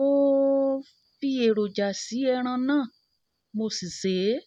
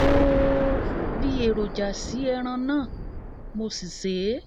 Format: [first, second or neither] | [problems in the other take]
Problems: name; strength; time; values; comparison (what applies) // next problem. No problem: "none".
first | background sound (Explosion); 1 dB below the speech